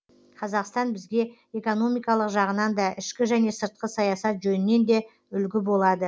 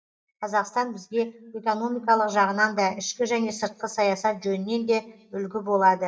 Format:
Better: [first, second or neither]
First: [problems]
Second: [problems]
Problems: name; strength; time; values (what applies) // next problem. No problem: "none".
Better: first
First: none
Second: noise reduction (neural mask model DeepFilterNet 3)